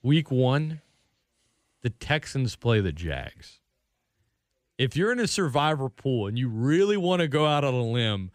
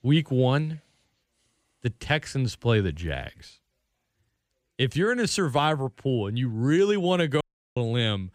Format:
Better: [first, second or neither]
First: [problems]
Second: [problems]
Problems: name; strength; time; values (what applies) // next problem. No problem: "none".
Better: first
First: none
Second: audio cutting out; at 7.5 s